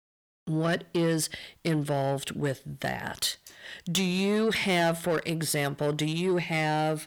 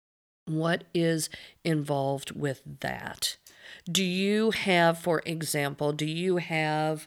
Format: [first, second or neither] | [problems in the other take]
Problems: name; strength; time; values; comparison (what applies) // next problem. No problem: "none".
second | distortion; slight; 10 dB below the speech